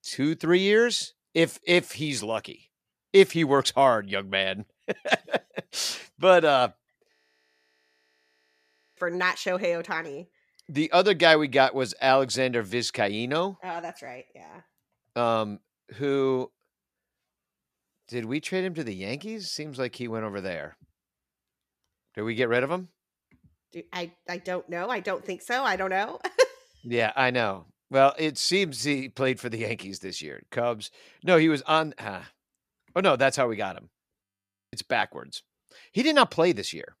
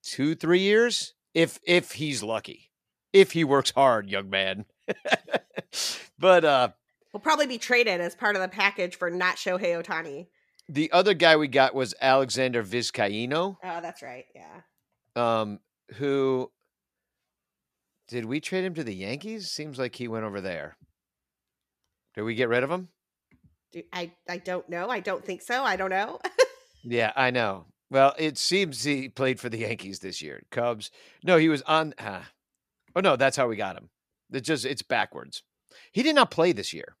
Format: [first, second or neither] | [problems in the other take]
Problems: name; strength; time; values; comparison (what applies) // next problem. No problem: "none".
second | audio freezing; at 7 s for 2 s and at 34 s for 0.5 s